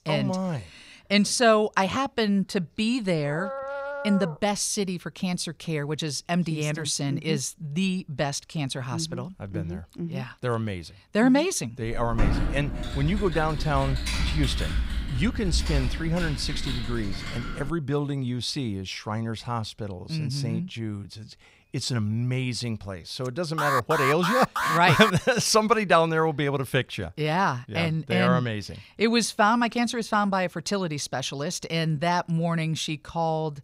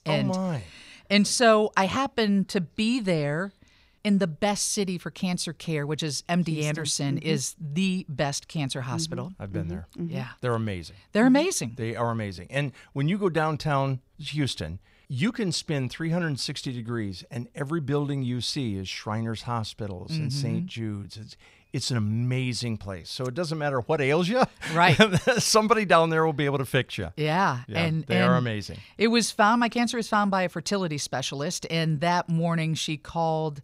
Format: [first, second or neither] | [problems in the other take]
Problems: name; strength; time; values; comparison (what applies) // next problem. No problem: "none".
second | dog barking; noticeable; from 3.5 to 4.5 s; peak 6 dB below the speech // keyboard typing; noticeable; from 12 to 18 s; peak 1 dB below the speech // alarm; loud; from 24 to 25 s; peak 1 dB above the speech